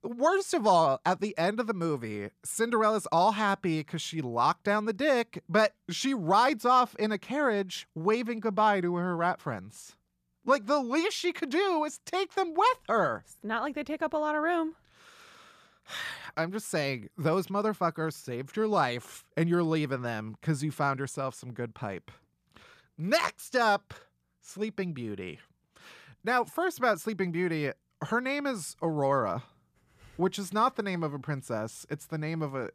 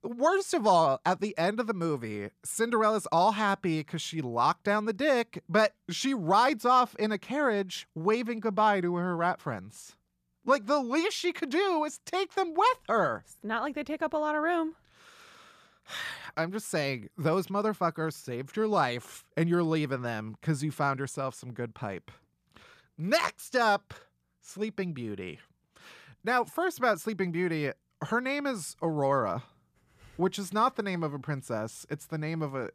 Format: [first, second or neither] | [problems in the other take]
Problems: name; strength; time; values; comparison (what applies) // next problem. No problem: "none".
neither | none